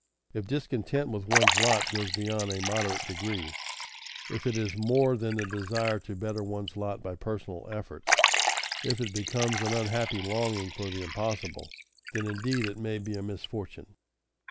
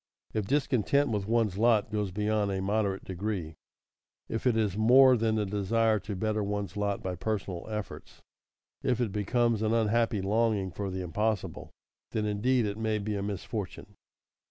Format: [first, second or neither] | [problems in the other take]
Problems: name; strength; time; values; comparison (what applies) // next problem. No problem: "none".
second | background sound (Liquid); 2 dB below the speech